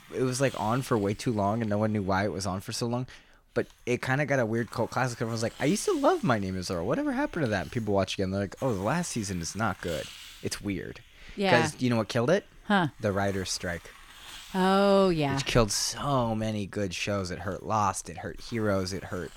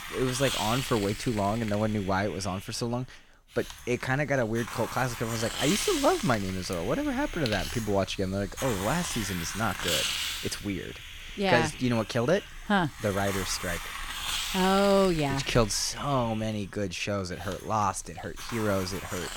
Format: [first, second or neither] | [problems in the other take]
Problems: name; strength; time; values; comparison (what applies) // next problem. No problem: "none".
first | hiss; loud; throughout; 6 dB below the speech; faint in the first